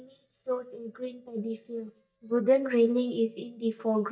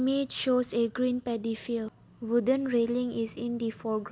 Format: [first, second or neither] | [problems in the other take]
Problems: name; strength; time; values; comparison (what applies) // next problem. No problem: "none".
second | noise reduction (neural mask model DeepFilterNet 3)